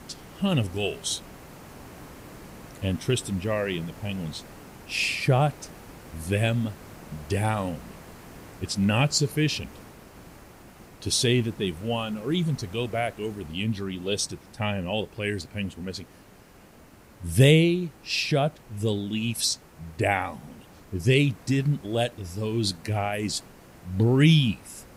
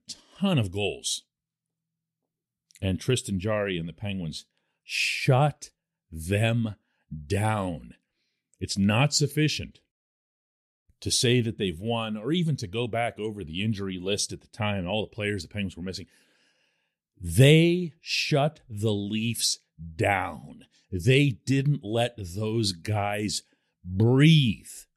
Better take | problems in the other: second | hiss; faint; throughout; 20 dB below the speech

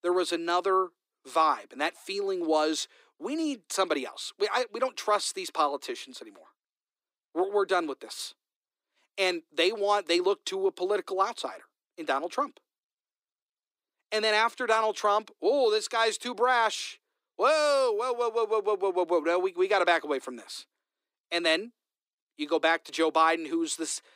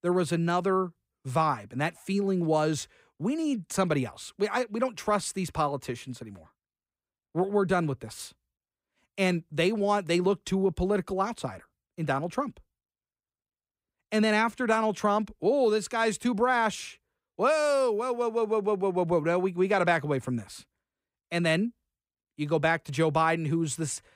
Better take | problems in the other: second | thin; very; fading below 300 Hz

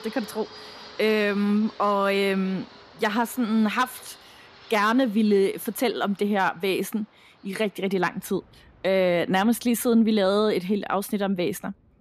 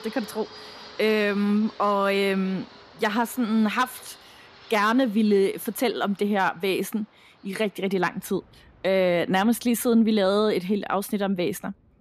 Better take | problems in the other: neither | train or aircraft noise; faint; throughout; 25 dB below the speech; the same in both

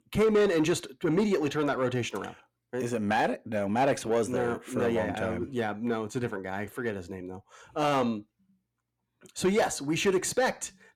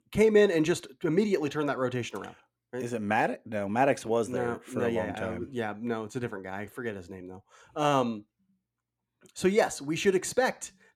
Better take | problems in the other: second | distortion; slight; 10 dB below the speech

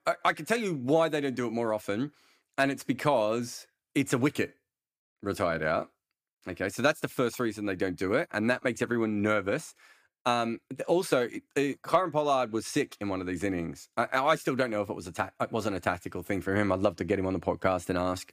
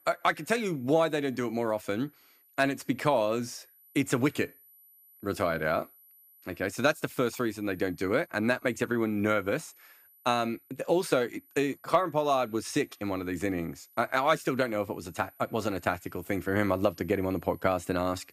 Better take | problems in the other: first | high-pitched whine; faint; throughout; 12 kHz, 25 dB below the speech

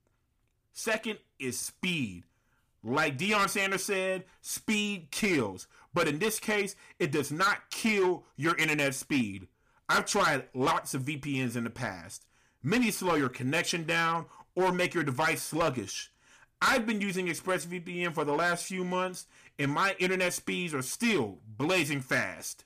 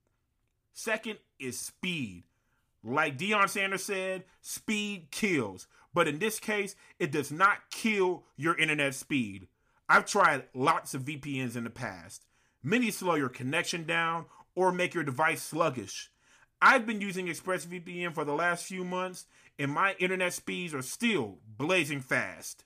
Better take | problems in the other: second | distortion; heavy; 6% of the sound clipped

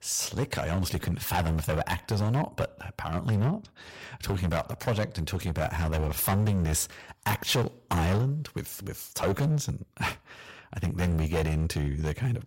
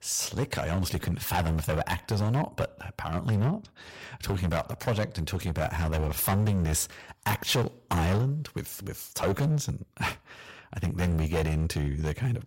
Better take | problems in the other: neither | distortion; heavy; 11% of the sound clipped; the same in both

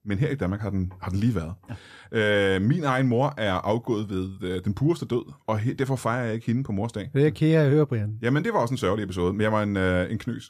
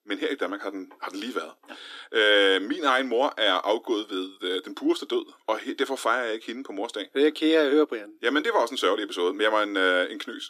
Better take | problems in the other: first | thin; somewhat; fading below 300 Hz

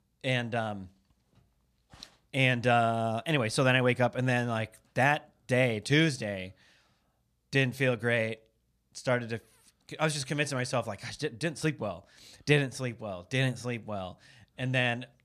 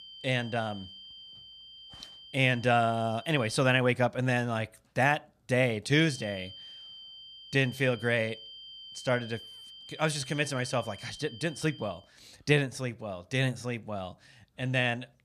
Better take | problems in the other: first | high-pitched whine; noticeable; until 3.5 s and from 6 to 12 s; 3 kHz, 15 dB below the speech

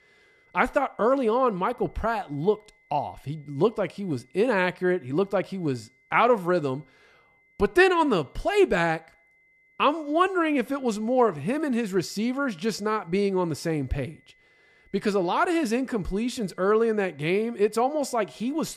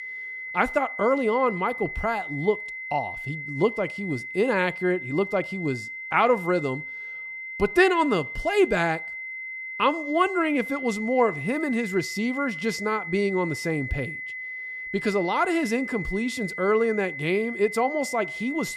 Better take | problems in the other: first | high-pitched whine; loud; throughout; 2 kHz, 8 dB below the speech; faint in the first

